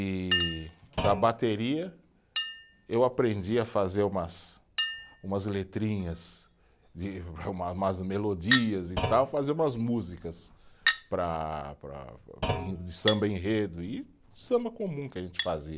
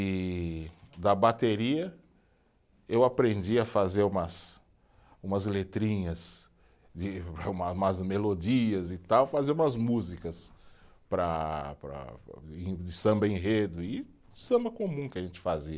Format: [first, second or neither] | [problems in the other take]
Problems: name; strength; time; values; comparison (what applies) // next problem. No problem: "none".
second | background sound (Thump, thud + Chink, clink); 6 dB below the speech